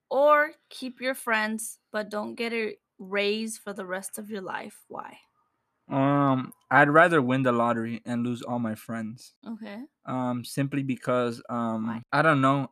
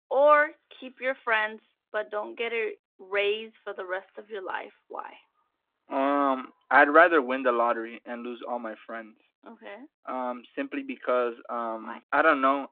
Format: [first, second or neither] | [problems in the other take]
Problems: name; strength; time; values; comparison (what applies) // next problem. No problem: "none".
first | phone-call audio